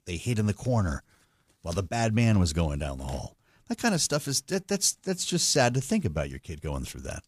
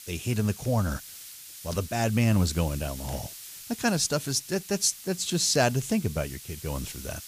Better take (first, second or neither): first